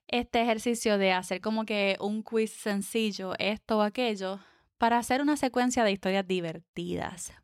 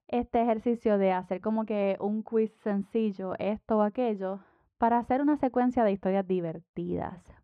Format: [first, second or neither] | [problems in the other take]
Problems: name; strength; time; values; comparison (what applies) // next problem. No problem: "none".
first | muffled; very; fading above 3 kHz